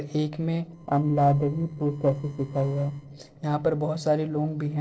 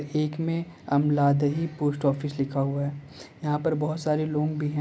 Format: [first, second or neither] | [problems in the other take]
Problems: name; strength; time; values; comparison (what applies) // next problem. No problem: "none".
second | noise reduction (neural separator model SepFormer DNS4)